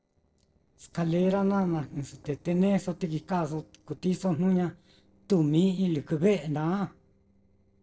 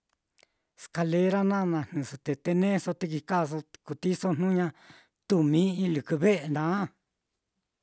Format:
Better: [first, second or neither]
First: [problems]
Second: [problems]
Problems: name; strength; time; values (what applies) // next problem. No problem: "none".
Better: second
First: noise reduction (neural separator model SepFormer DNS4)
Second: none